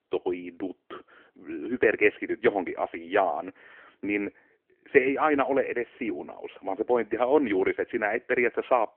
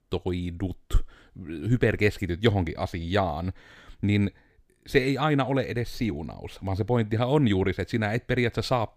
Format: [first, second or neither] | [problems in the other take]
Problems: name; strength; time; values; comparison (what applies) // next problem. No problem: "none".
second | phone-call audio